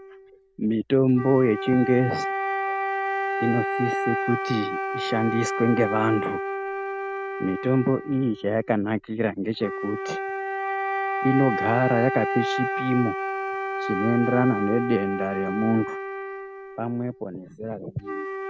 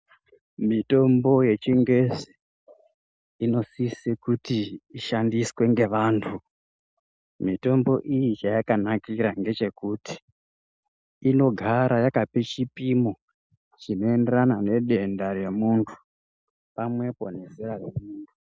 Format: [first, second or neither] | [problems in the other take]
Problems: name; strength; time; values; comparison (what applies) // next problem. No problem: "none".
second | background sound (Wind instrument, woodwind instrument); 4 dB below the speech